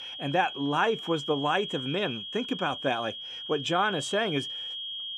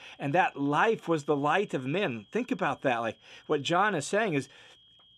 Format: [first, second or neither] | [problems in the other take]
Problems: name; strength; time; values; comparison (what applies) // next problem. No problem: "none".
second | high-pitched whine; loud; throughout; 3.5 kHz, 6 dB below the speech; faint in the second